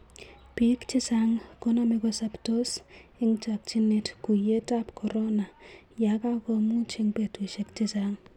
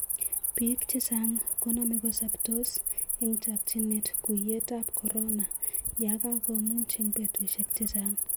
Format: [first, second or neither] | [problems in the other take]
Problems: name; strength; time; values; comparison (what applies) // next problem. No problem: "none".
first | background sound (Cricket); 3 dB above the speech